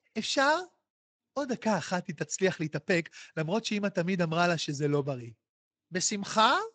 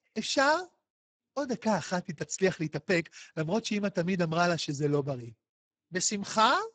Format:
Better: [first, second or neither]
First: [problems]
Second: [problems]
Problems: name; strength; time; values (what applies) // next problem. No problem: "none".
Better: first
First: garbled, watery; slightly; nothing above 7.5 kHz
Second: garbled, watery; badly; nothing above 7.5 kHz